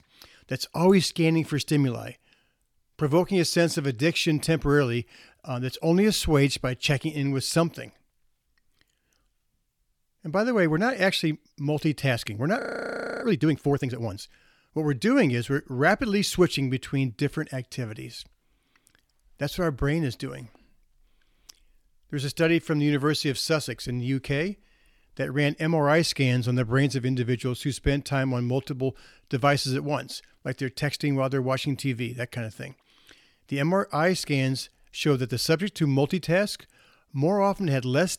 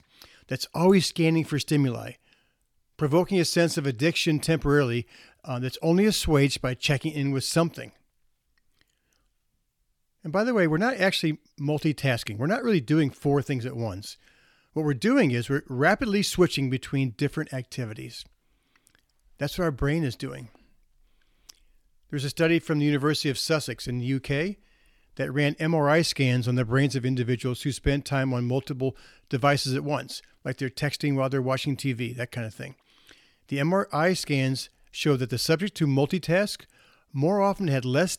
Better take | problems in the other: second | audio freezing; at 13 s for 0.5 s

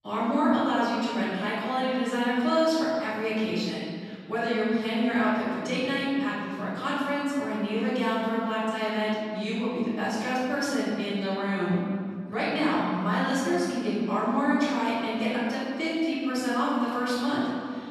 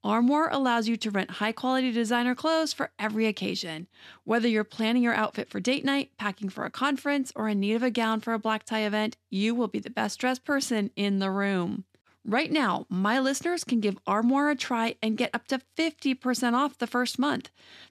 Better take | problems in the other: second | room echo; strong; dies away in 2 s // off-mic speech; far

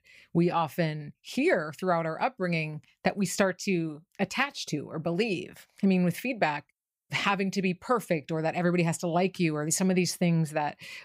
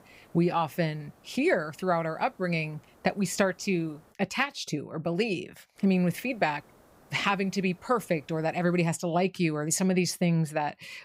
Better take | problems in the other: first | hiss; faint; until 4 s and from 6 to 9 s; 30 dB below the speech

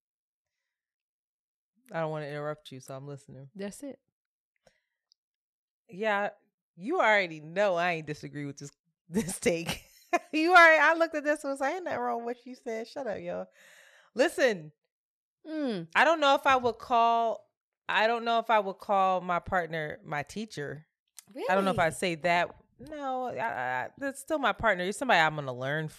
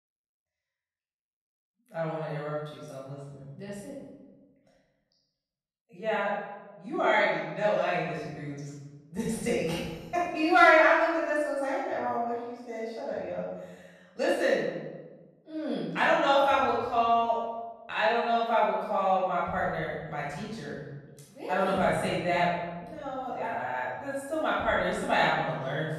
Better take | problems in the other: first | off-mic speech; far // room echo; strong; dies away in 1.2 s

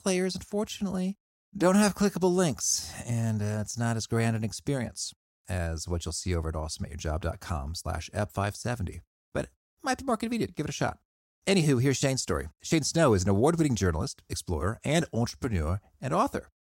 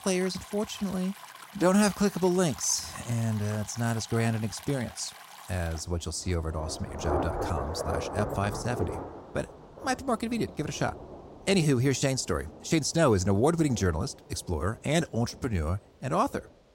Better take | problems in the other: first | rain or running water; noticeable; throughout; 10 dB below the speech

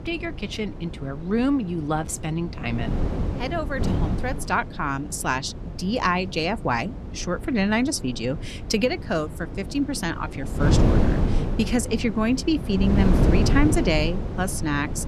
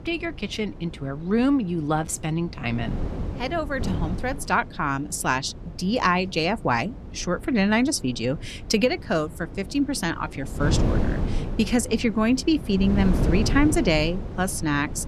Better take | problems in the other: second | wind noise on the microphone; heavy; 8 dB below the speech; occasional gusts in the second

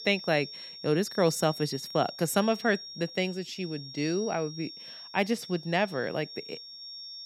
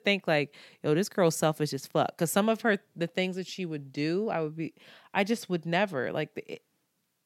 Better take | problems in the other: second | high-pitched whine; noticeable; throughout; 5.5 kHz, 10 dB below the speech

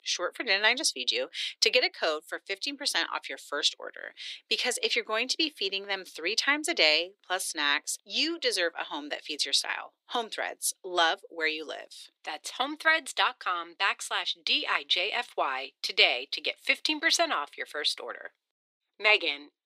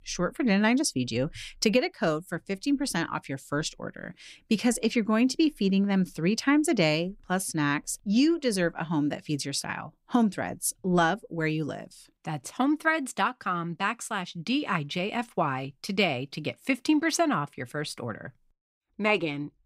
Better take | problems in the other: second | thin; very; fading below 400 Hz

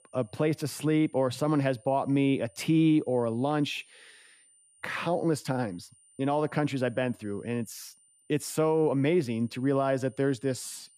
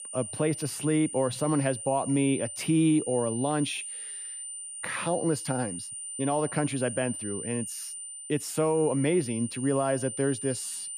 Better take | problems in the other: first | high-pitched whine; loud; throughout; 9 kHz, 7 dB below the speech; faint in the first

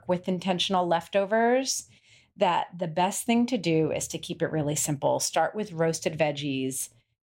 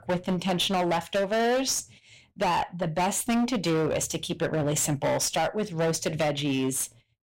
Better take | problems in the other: first | distortion; heavy; 22% of the sound clipped

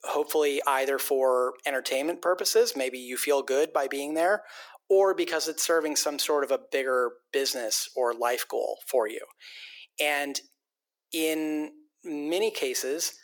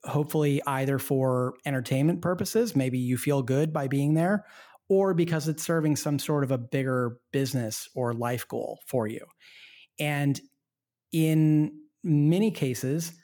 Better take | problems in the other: second | thin; very; fading below 400 Hz

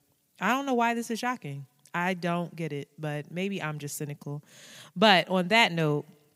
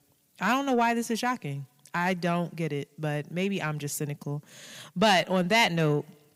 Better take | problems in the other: first | distortion; slight; 10 dB below the speech

